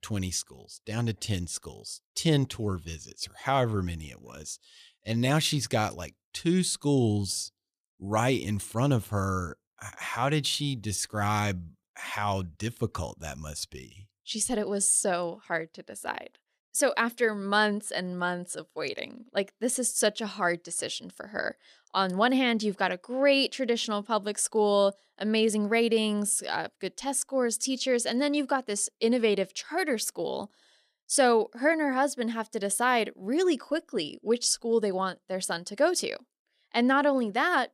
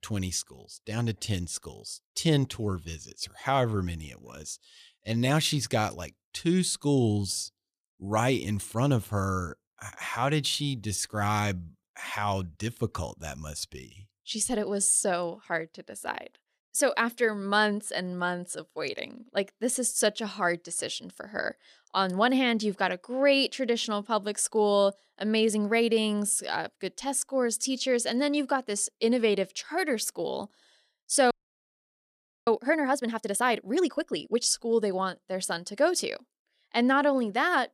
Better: first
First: none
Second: audio freezing; at 31 s for 1 s

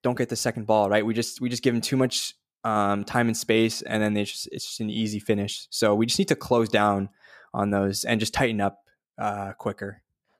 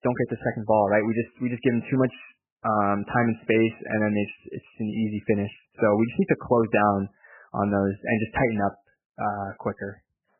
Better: first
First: none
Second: garbled, watery; badly; nothing above 3 kHz

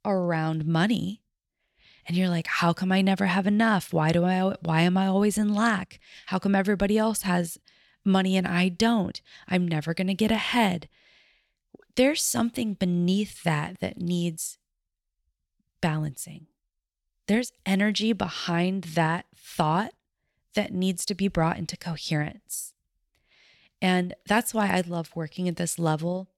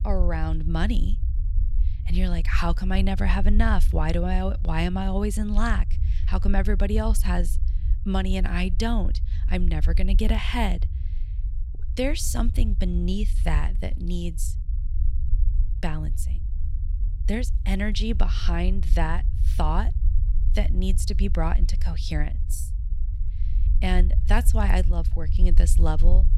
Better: first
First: none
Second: low rumble; noticeable; throughout; 15 dB below the speech

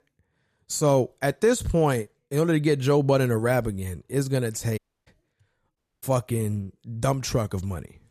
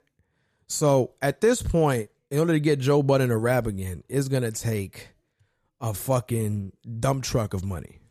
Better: second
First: audio cutting out; at 5 s and at 6 s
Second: none

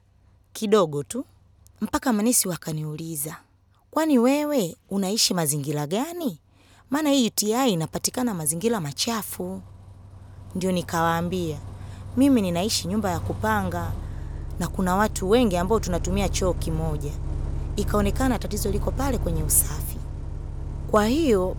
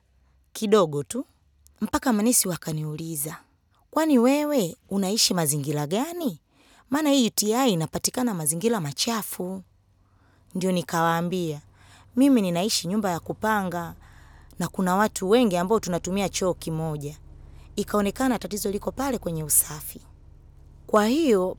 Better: second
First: traffic noise; loud; throughout; 9 dB below the speech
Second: traffic noise; faint; throughout; 25 dB below the speech

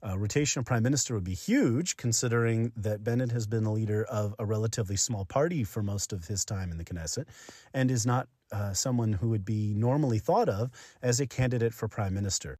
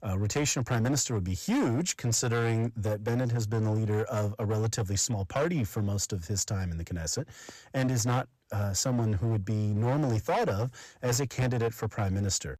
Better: first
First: none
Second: distortion; slight; 14% of the sound clipped

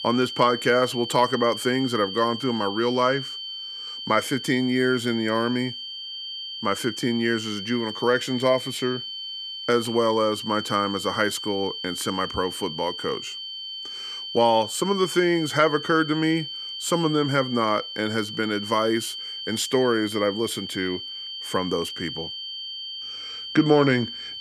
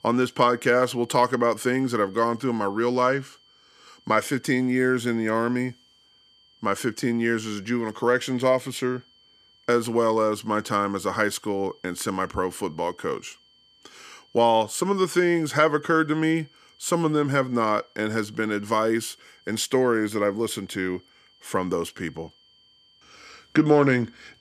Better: second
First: high-pitched whine; loud; throughout; 3 kHz, 8 dB below the speech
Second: high-pitched whine; faint; throughout; 3 kHz, 30 dB below the speech

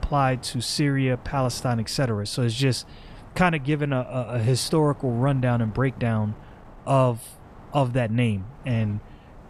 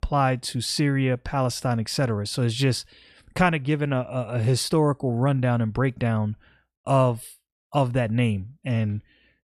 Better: second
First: wind noise on the microphone; occasional gusts; 20 dB below the speech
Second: none

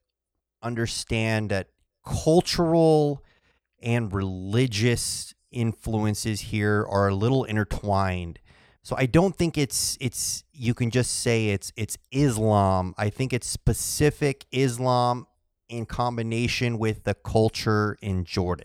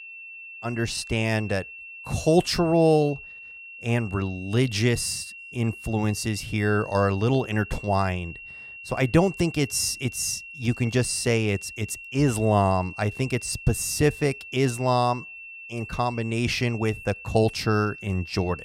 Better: first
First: none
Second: high-pitched whine; noticeable; throughout; 2.5 kHz, 15 dB below the speech

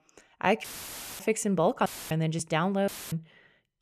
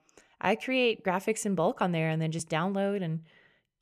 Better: second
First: audio cutting out; filled with static; at 0.5 s for 0.5 s, at 2 s and at 3 s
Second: none

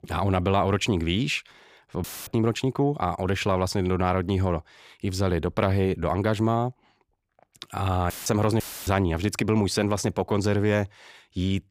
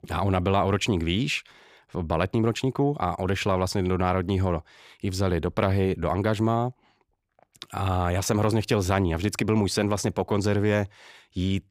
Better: second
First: audio cutting out; filled with static; at 2 s, at 8 s and at 8.5 s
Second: none

